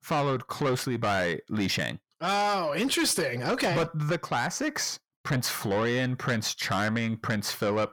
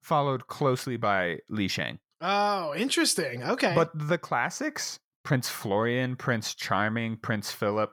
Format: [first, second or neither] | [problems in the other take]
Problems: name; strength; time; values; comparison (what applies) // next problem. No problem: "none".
second | distortion; heavy; 8 dB below the speech